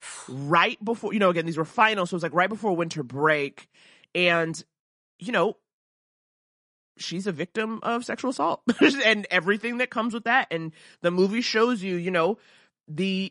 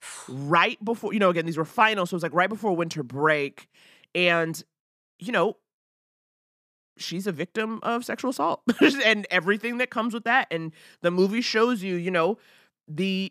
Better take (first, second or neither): second